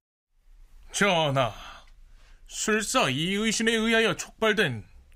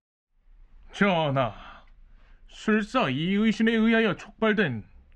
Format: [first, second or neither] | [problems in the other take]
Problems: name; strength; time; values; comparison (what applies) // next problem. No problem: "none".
first | muffled; very; fading above 2.5 kHz